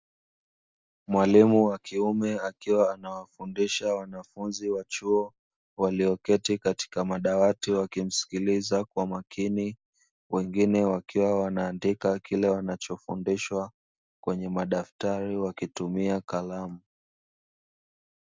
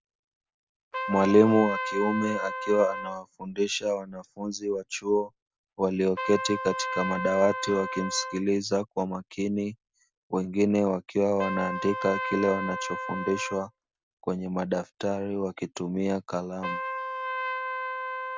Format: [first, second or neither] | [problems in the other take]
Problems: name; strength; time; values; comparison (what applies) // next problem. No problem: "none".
first | background sound (Trumpet); 8 dB below the speech